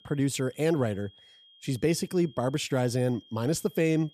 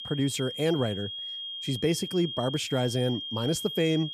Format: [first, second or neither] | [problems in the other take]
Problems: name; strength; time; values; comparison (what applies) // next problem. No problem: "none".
first | high-pitched whine; loud; throughout; 3 kHz, 6 dB below the speech; faint in the first